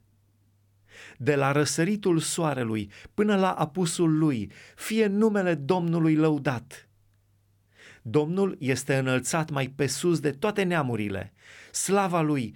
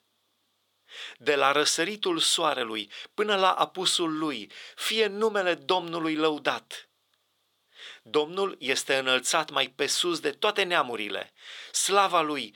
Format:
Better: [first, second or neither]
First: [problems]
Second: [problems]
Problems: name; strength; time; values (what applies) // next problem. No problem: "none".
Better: first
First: none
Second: thin; very; fading below 500 Hz